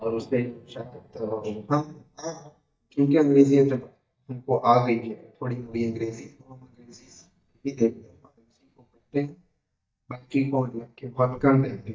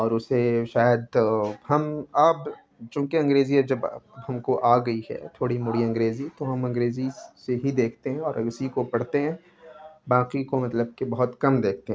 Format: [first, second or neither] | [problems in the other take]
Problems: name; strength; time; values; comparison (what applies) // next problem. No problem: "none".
second | noise reduction (neural mask model DeepFilterNet 3)